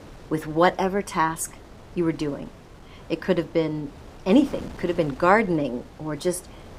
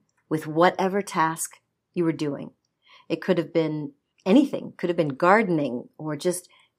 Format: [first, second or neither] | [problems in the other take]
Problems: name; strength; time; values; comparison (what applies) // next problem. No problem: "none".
second | wind noise on the microphone; occasional gusts; 20 dB below the speech